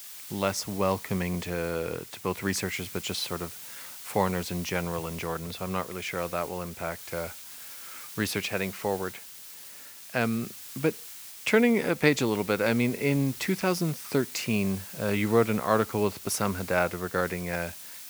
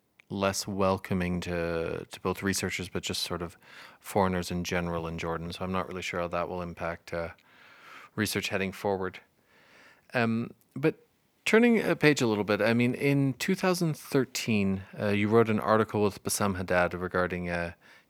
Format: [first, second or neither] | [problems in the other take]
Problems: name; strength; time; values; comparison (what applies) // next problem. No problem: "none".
second | hiss; noticeable; throughout; 10 dB below the speech